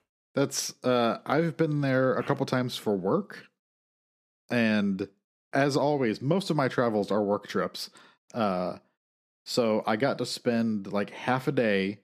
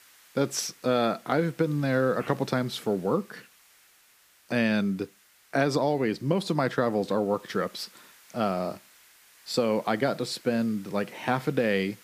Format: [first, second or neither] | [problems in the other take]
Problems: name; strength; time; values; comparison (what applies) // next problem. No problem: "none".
first | hiss; faint; throughout; 25 dB below the speech